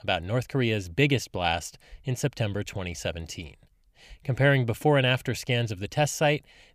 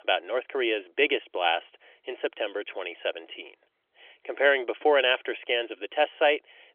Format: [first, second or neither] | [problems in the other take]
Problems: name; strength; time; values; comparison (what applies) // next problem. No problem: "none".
first | phone-call audio; nothing above 3.5 kHz